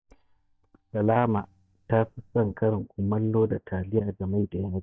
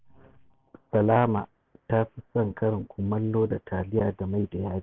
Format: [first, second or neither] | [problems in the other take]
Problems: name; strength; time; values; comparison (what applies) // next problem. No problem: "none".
second | noise reduction (neural mask model DeepFilterNet 3)